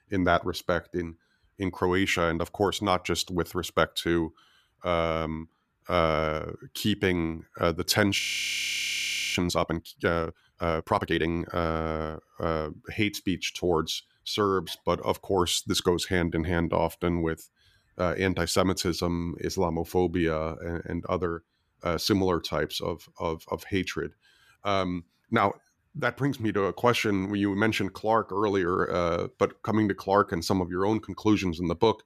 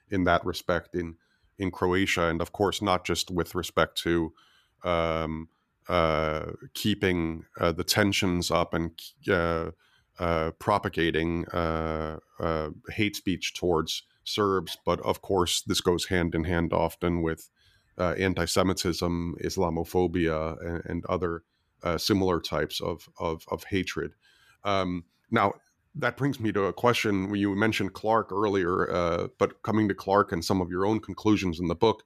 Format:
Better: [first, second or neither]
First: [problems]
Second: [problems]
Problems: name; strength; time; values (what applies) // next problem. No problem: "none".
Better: second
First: audio freezing; at 8 s for 1 s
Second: none